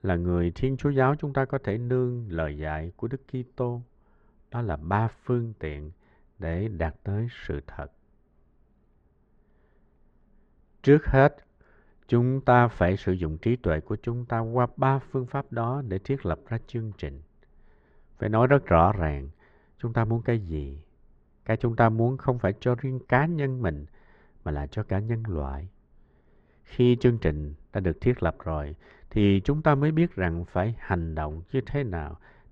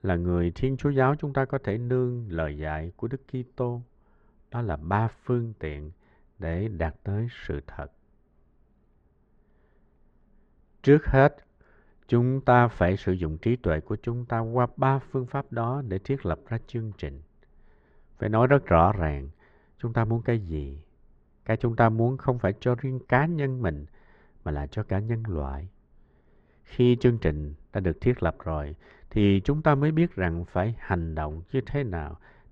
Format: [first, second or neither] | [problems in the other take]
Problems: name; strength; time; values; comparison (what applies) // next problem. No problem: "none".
neither | muffled; very; fading above 1.5 kHz; the same in both